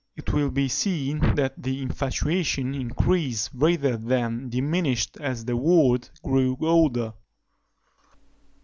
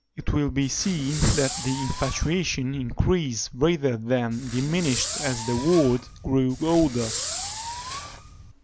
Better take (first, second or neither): first